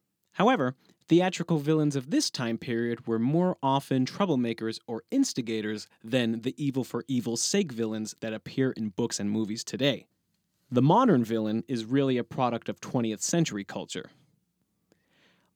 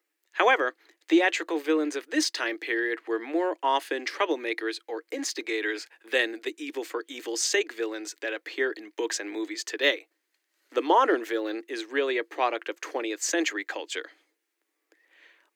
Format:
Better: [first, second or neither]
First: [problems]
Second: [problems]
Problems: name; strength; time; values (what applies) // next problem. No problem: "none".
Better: first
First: none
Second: thin; very; fading below 300 Hz